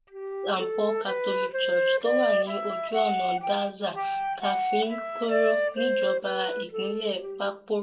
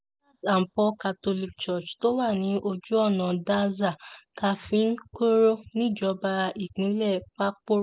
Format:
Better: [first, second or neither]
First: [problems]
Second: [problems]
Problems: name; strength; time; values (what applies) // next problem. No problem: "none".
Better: second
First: background sound (Wind instrument, woodwind instrument); 2 dB above the speech // room echo; dies away in 0.2 s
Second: none